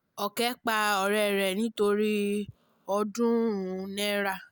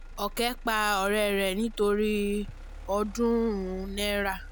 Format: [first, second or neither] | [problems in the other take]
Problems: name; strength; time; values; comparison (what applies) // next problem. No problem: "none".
first | background sound (Motor vehicle (road)); 13 dB below the speech